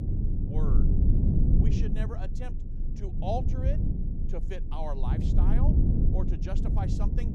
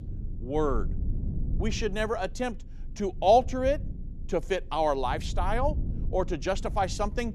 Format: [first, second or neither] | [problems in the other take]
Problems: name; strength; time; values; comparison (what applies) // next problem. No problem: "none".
second | low rumble; loud; throughout; as loud as the speech; faint in the second